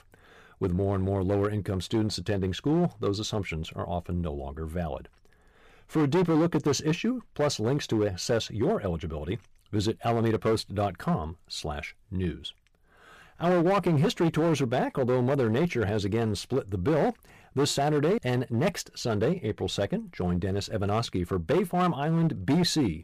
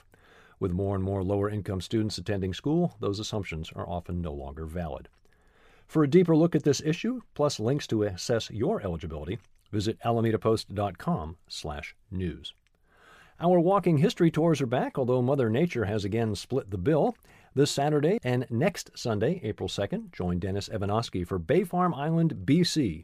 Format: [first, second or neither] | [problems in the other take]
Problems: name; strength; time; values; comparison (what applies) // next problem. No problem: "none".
second | distortion; slight; 8% of the sound clipped